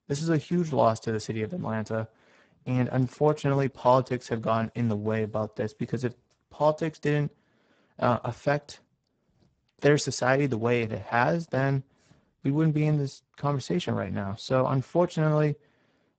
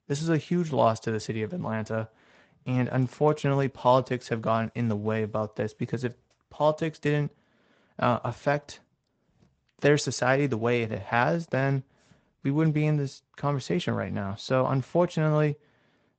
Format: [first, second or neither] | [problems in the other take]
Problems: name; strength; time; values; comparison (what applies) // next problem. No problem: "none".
second | garbled, watery; badly; nothing above 8 kHz; slightly in the second